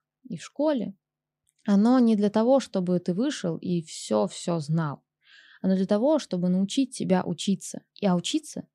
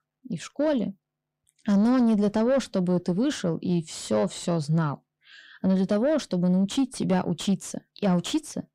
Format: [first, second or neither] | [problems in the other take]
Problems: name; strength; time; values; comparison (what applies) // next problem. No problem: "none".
first | distortion; slight; 10 dB below the speech